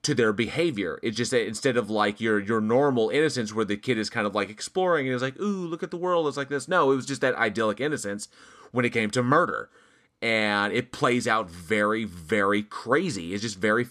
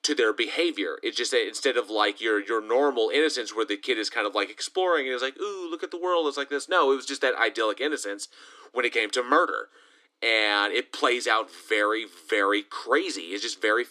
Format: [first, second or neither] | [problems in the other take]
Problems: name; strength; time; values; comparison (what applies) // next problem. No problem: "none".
first | thin; somewhat; fading below 300 Hz